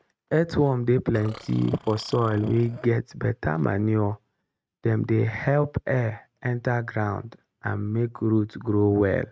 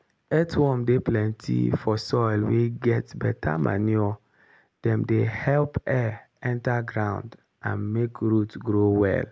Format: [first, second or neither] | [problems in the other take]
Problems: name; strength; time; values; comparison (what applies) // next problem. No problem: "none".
second | noise reduction (neural mask model RNNoise)